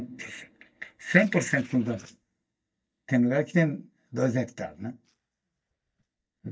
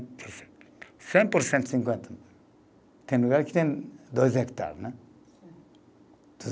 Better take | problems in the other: second | noise reduction (neural mask model DeepFilterNet 3)

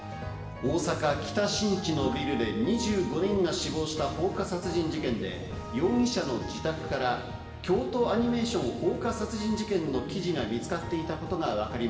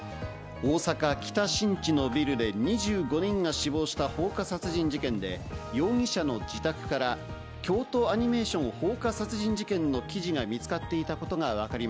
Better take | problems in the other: second | room echo; dies away in 1.1 s

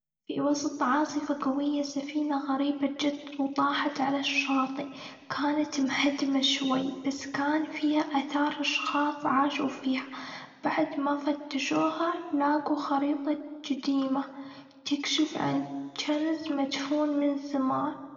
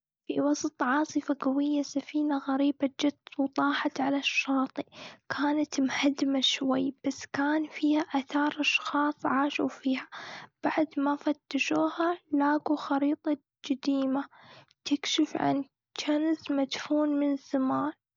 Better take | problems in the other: second | room echo; dies away in 1.1 s

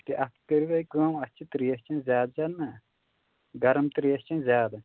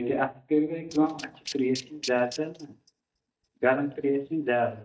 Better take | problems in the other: first | noise reduction (neural mask model DeepFilterNet 3)

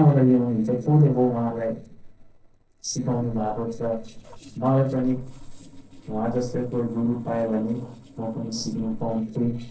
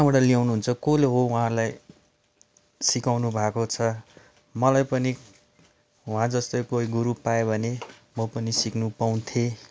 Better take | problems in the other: second | noise reduction (neural separator model SepFormer DNS4)

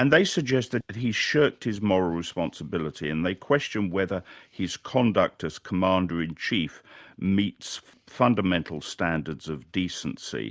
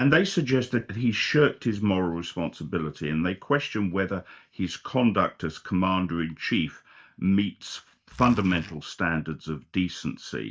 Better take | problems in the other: first | noise reduction (neural mask model DeepFilterNet 3)

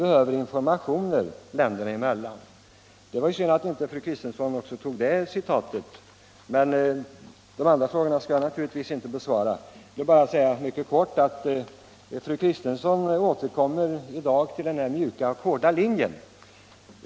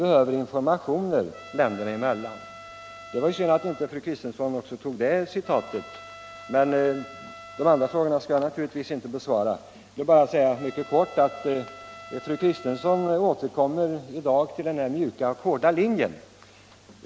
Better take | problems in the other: first | background sound (Trumpet); 19 dB below the speech

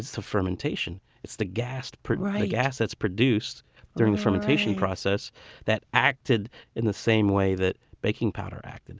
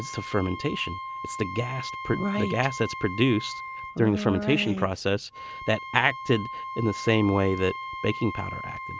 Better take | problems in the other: first | background sound (Wind instrument, woodwind instrument); 10 dB below the speech

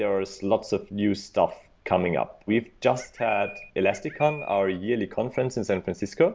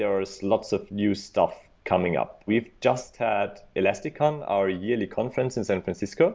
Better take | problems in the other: second | background sound (Bird); 14 dB below the speech

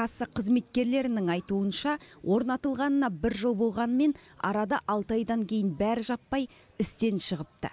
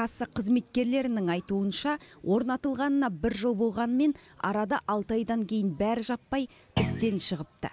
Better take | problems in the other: first | background sound (Thump, thud); 3 dB below the speech

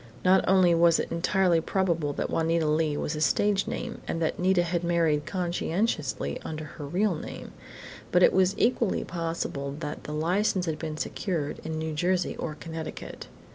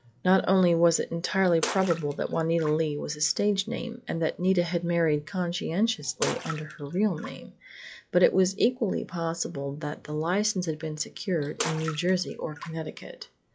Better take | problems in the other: first | noise reduction (classical method log-MMSE)

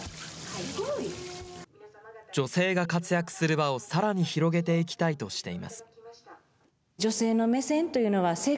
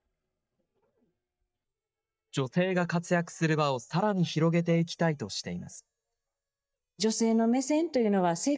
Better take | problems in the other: first | noise reduction (neural mask model DeepFilterNet 3)

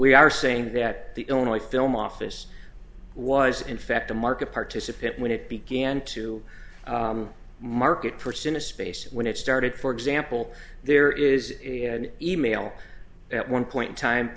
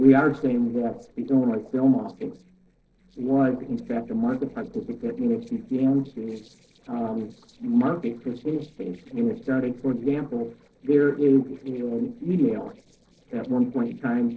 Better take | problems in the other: first | noise reduction (neural separator model SepFormer DNS4)

